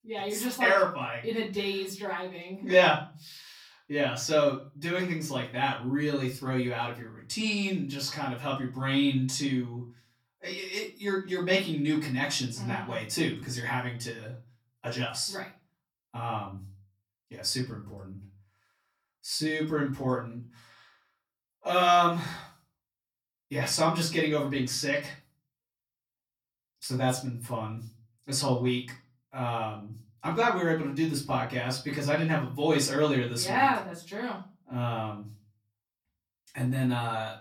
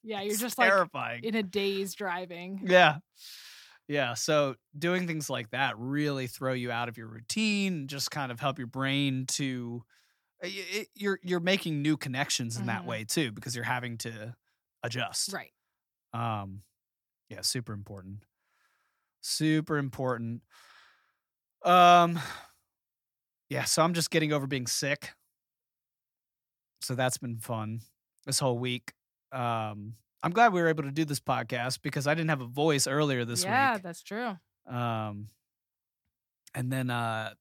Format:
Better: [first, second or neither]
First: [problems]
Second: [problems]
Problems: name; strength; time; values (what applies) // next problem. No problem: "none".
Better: second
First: room echo; slight; dies away in 0.3 s // off-mic speech; far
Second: none